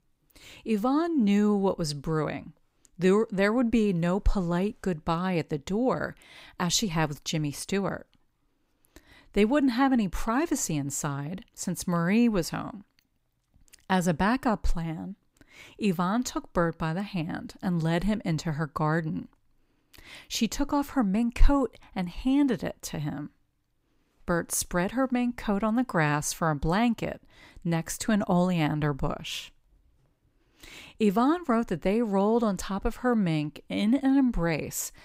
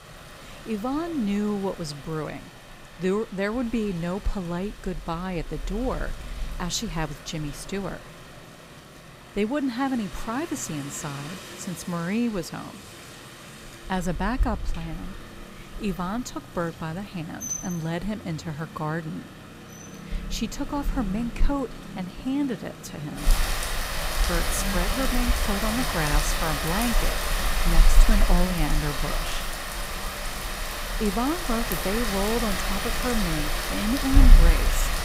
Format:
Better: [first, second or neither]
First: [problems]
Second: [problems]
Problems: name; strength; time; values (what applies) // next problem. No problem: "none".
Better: first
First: none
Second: rain or running water; very loud; throughout; 2 dB above the speech